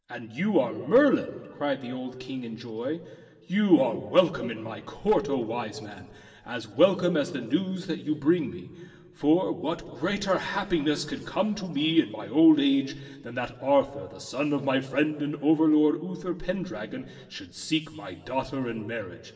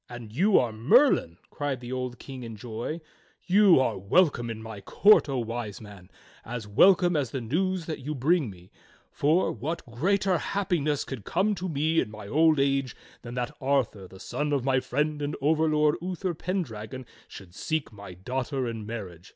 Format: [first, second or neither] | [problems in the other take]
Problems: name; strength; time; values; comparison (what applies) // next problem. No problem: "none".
second | room echo; dies away in 1.7 s